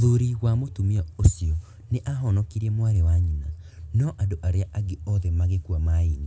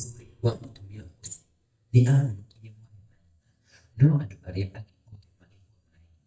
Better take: first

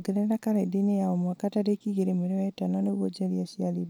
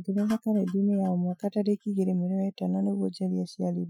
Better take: first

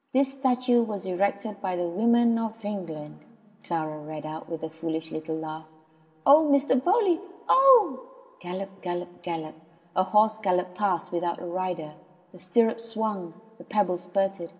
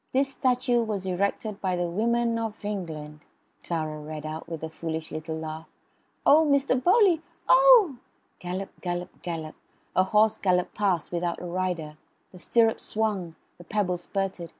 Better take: second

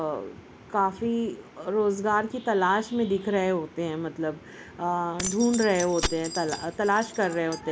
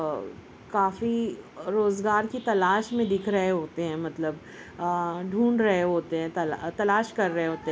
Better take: second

